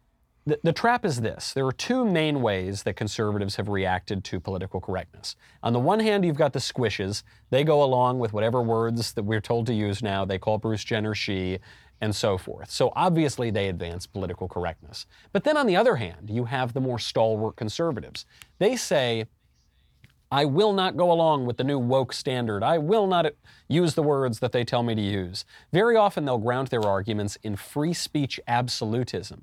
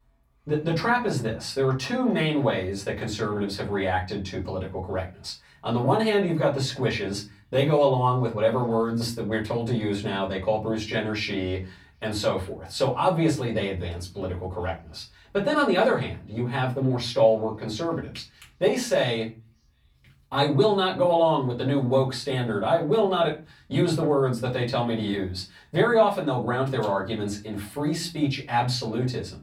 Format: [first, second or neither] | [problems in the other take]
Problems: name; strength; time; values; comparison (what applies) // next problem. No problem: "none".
first | off-mic speech; far // room echo; very slight; dies away in 0.3 s